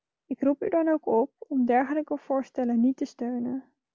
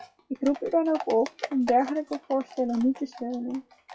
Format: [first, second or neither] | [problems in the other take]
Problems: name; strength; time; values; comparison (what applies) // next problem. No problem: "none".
first | noise reduction (classical method WPE with log-MMSE)